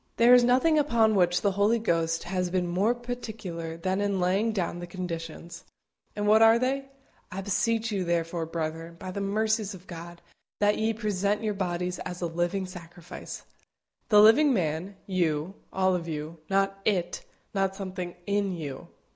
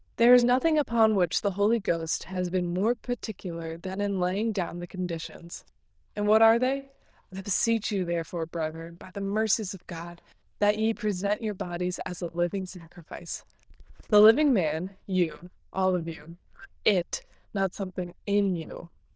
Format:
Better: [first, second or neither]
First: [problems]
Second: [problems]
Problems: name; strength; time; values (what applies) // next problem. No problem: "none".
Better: first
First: none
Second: noise reduction (neural diffusion model UNIVERSE++)